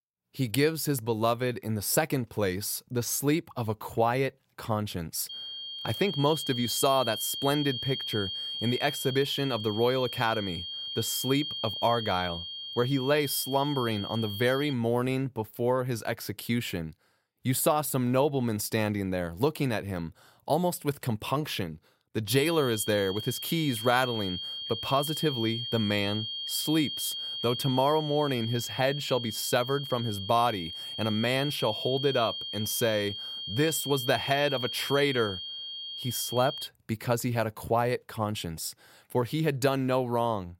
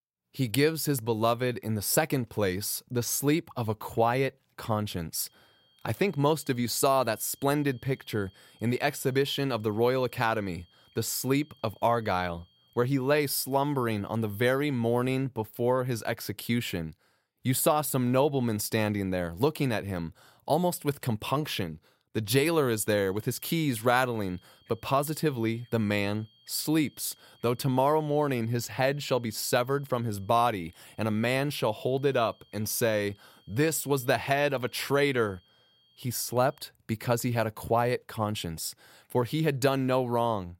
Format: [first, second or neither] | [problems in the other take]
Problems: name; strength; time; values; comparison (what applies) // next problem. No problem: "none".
second | high-pitched whine; loud; from 5.5 to 15 s and from 22 to 37 s; 3 kHz, 6 dB below the speech; faint in the second